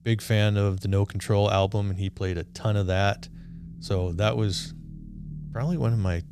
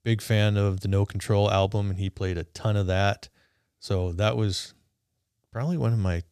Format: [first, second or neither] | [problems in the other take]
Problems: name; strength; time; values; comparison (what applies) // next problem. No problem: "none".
second | low rumble; faint; throughout; 25 dB below the speech